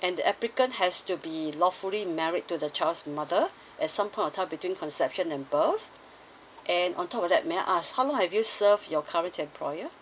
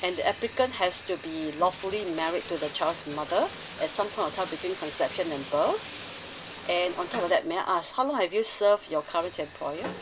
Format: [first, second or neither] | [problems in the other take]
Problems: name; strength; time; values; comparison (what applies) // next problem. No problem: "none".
first | background sound (Bathtub (filling or washing)); 14 dB below the speech